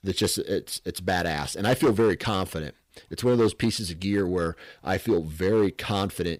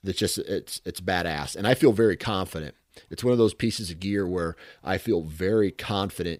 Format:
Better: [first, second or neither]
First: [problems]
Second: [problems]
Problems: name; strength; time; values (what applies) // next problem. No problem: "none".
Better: second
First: distortion; slight; 4% of the sound clipped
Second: none